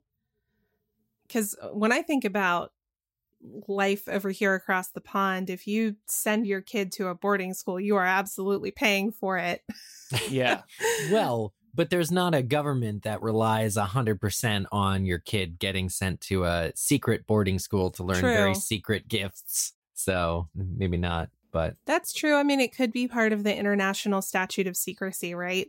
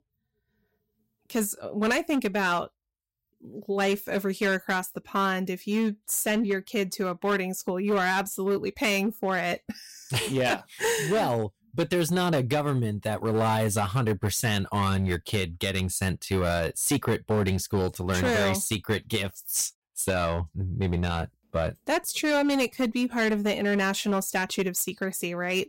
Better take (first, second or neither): first